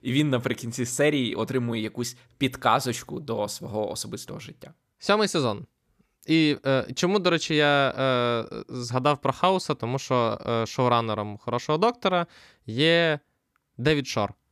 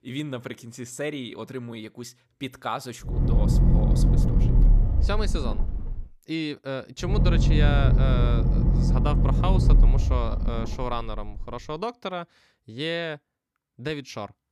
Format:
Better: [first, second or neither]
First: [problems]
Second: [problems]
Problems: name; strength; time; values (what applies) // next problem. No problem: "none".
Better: first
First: none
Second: low rumble; loud; from 3 to 6 s and from 7 to 12 s; 3 dB below the speech